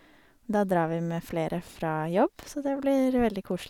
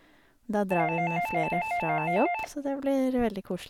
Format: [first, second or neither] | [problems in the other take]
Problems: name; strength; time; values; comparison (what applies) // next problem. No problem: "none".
first | background sound (Doorbell); 2 dB below the speech